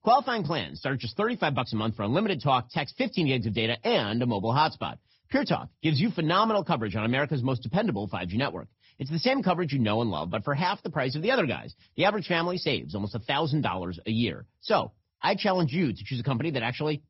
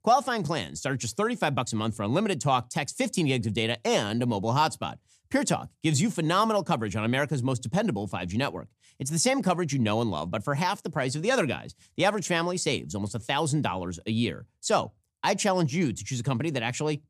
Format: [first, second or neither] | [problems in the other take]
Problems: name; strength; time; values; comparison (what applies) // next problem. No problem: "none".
second | garbled, watery; badly; nothing above 5.5 kHz